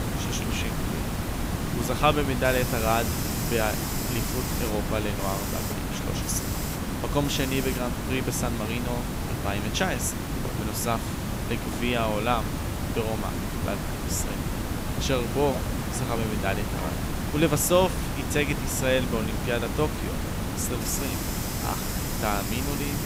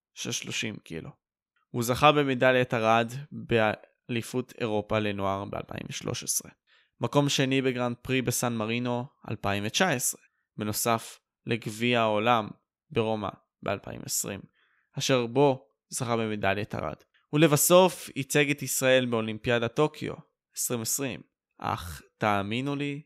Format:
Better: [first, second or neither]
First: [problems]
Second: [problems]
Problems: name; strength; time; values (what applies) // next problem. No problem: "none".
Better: second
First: hiss; loud; throughout; 1 dB below the speech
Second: none